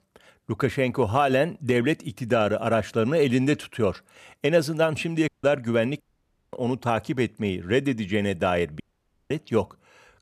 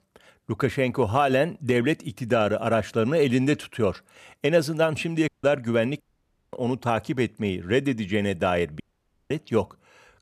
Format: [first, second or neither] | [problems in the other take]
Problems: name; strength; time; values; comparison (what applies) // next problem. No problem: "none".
neither | audio cutting out; at 5.5 s, at 6 s for 0.5 s and at 9 s for 0.5 s; the same in both